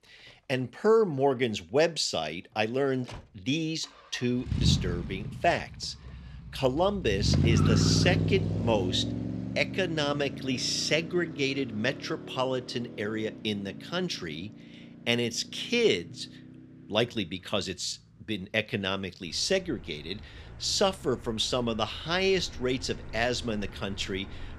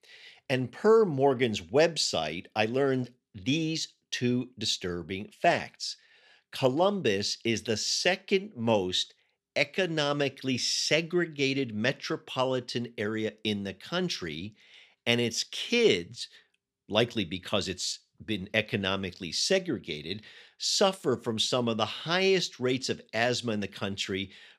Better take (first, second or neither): second